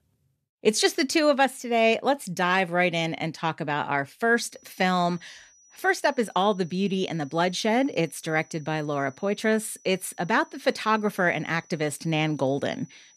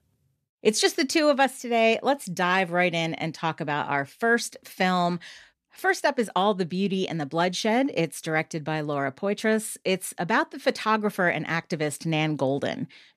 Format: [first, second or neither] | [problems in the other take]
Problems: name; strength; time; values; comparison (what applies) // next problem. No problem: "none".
second | high-pitched whine; faint; from 4.5 s on; 6 kHz, 30 dB below the speech